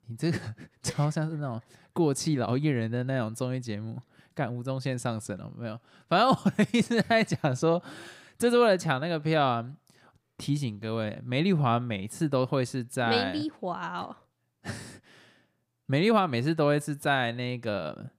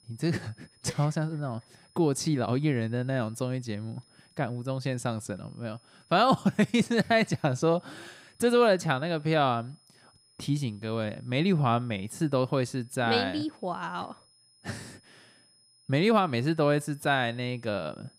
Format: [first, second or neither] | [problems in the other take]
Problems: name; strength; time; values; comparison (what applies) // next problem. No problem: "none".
first | high-pitched whine; faint; throughout; 5 kHz, 30 dB below the speech